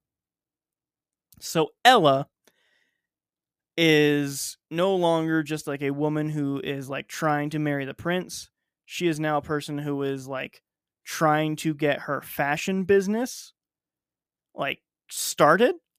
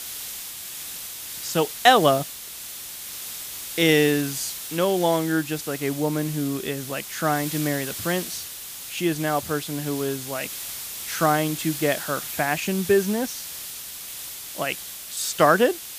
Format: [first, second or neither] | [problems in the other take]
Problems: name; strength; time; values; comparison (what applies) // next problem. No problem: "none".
first | hiss; loud; throughout; 9 dB below the speech